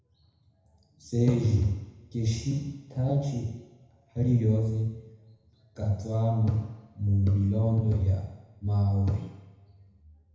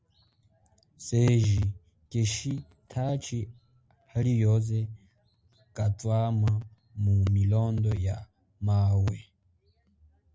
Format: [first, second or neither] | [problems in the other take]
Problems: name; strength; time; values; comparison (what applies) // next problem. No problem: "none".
second | room echo; dies away in 1 s